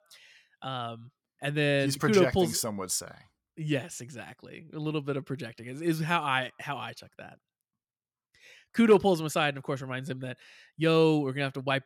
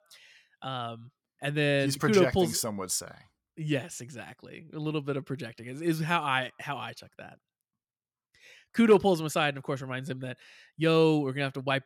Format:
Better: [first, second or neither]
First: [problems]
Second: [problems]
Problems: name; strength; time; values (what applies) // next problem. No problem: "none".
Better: neither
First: none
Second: none